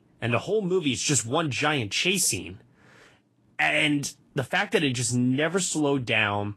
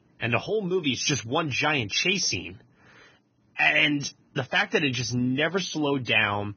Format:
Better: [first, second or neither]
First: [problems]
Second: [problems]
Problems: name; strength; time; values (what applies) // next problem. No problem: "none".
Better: first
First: garbled, watery; slightly; nothing above 12 kHz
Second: garbled, watery; badly; nothing above 6.5 kHz